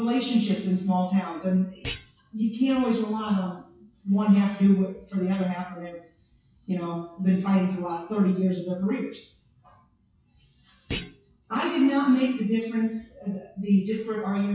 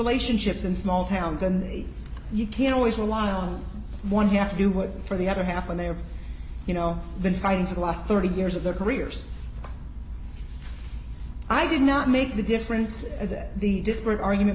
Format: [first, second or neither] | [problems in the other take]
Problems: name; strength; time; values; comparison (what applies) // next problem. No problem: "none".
second | noise reduction (classical method WPE with log-MMSE)